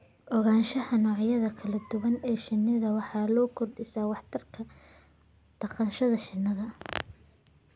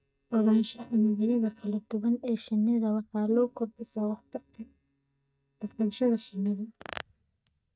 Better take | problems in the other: first | noise reduction (neural mask model DeepFilterNet 3)

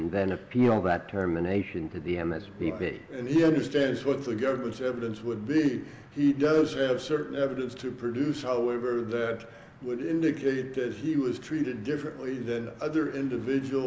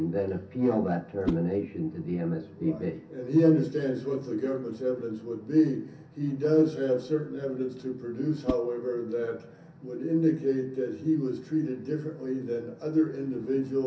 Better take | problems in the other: first | background sound (Whoosh, swoosh, swish); 12 dB below the speech // room echo; dies away in 0.3 s

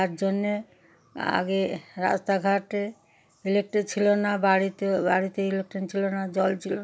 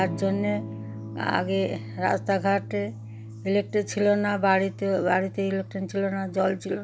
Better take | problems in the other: first | background sound (Electric guitar / Strum); 12 dB below the speech

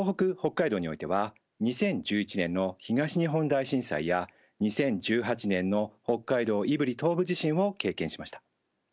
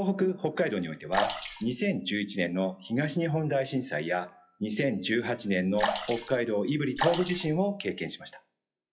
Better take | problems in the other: first | noise reduction (classical method WPE with log-MMSE)

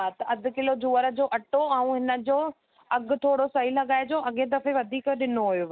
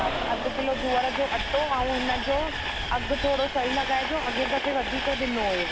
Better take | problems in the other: first | background sound (Train); 2 dB below the speech

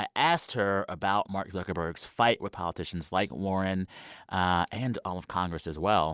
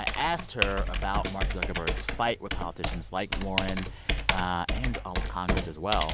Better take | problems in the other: first | background sound (Computer keyboard); 2 dB above the speech

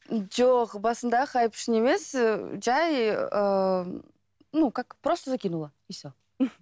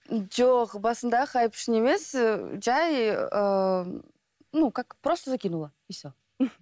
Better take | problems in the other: first | noise reduction (neural mask model Resemble Enhance denoiser)

